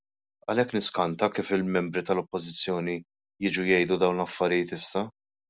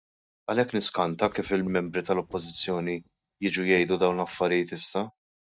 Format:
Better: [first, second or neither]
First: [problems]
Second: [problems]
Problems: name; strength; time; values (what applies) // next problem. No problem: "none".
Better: first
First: none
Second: noise reduction (neural mask model DeepFilterNet 3)